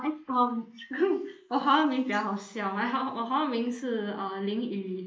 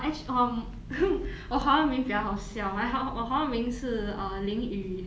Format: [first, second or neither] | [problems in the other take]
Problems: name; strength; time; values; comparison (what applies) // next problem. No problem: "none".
second | noise reduction (neural mask model Resemble Enhance denoiser)